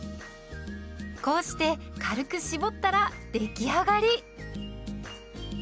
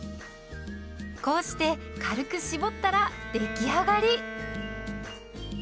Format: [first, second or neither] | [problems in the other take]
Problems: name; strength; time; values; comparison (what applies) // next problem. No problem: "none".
first | background sound (Bowed string instrument); 11 dB below the speech